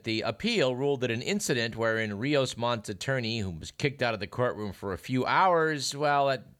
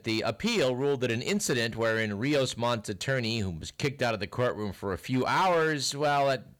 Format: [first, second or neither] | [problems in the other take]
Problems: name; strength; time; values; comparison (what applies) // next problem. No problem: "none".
first | distortion; slight; 7% of the sound clipped